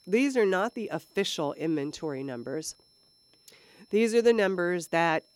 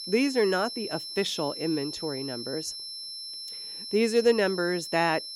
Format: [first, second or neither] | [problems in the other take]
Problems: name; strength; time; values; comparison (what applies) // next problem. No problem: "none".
first | high-pitched whine; loud; throughout; 5.5 kHz, 8 dB below the speech; faint in the first